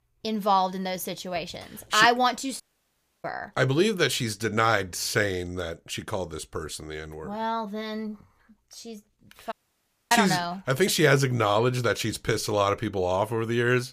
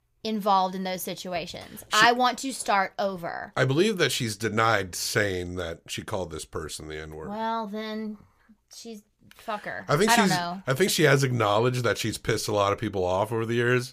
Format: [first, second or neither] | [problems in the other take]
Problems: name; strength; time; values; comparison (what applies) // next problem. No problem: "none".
second | audio cutting out; at 2.5 s for 0.5 s and at 9.5 s for 0.5 s